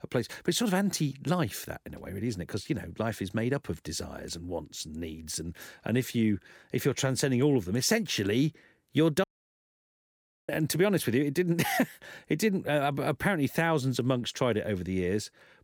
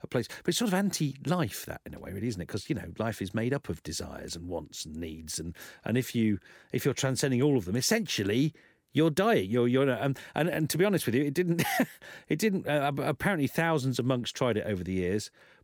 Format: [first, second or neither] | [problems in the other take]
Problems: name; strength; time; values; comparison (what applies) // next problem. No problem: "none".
second | audio cutting out; at 9 s for 1 s